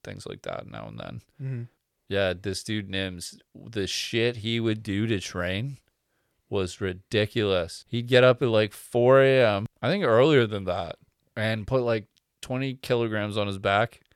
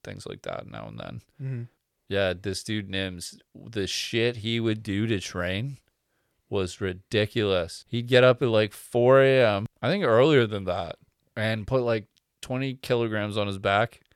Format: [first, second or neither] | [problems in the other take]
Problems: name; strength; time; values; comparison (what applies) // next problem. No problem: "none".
neither | none